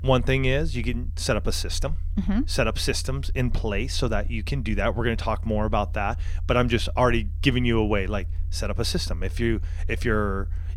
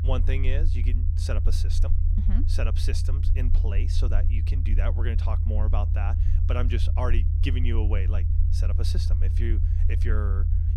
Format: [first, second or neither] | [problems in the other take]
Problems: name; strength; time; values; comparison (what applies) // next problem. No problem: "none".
first | low rumble; loud; throughout; 5 dB below the speech; faint in the first